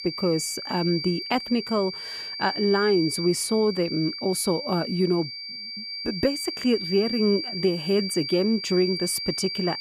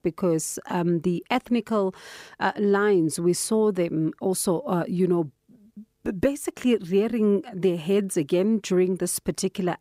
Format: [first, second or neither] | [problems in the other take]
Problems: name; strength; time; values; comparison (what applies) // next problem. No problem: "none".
second | high-pitched whine; loud; throughout; 4.5 kHz, 6 dB below the speech